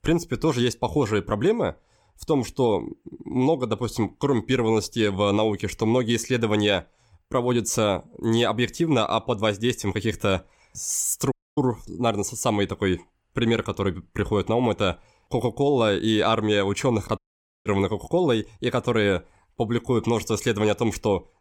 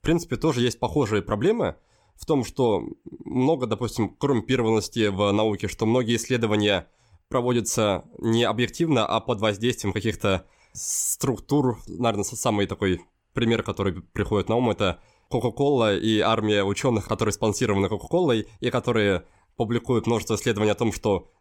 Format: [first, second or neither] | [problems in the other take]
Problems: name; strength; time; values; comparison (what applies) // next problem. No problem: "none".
second | audio cutting out; at 11 s and at 17 s